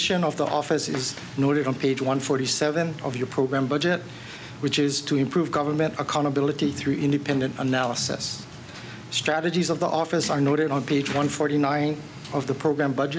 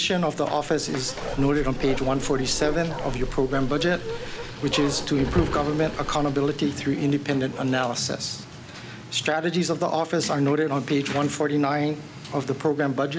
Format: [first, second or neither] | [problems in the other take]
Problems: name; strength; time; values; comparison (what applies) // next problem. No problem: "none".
first | background sound (Bark); 9 dB below the speech